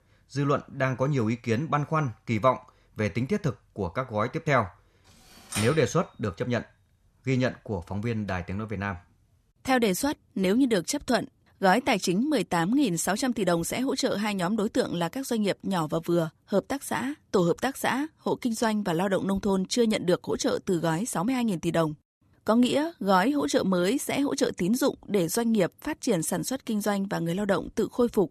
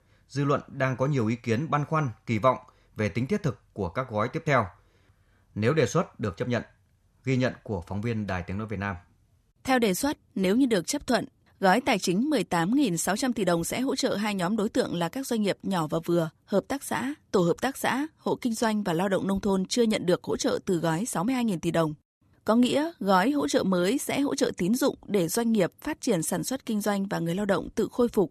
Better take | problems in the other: second | keyboard typing; noticeable; at 5.5 s; peak 6 dB below the speech

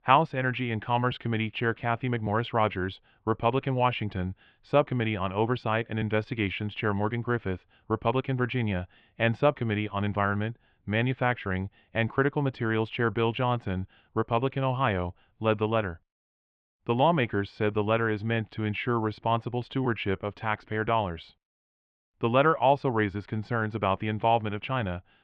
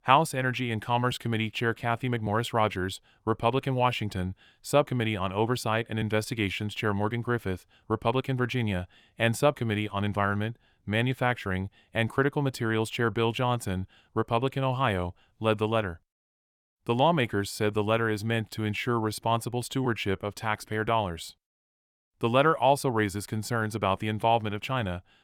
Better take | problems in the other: second | muffled; very; fading above 3 kHz

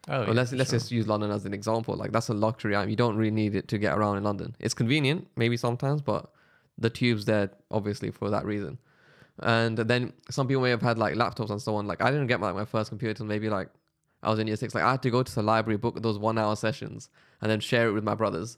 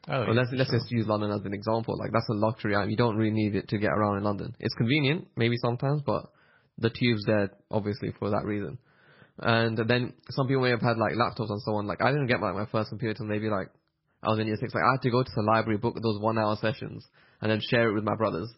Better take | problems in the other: first | garbled, watery; badly; nothing above 5.5 kHz

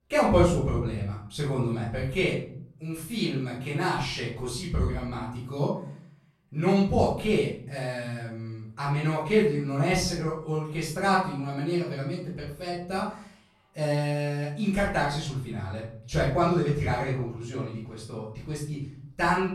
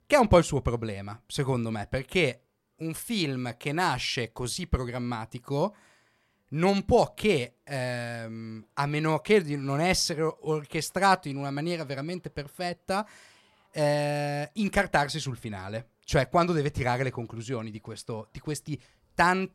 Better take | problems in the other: second | off-mic speech; far // room echo; noticeable; dies away in 0.6 s

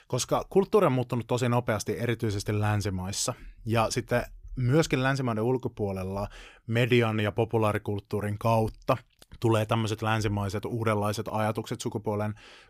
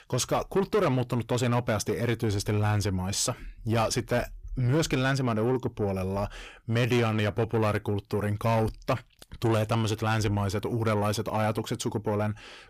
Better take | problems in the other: first | distortion; slight; 10 dB below the speech

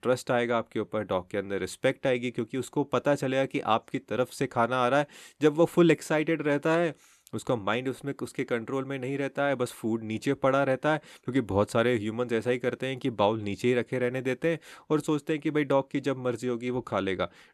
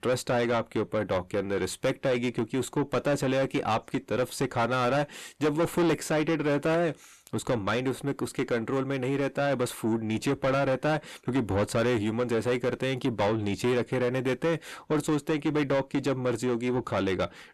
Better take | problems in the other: first | distortion; heavy; 7 dB below the speech

